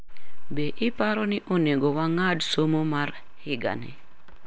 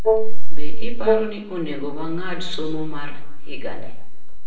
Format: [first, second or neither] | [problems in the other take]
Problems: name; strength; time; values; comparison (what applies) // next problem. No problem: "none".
first | noise reduction (neural separator model SepFormer DNS4)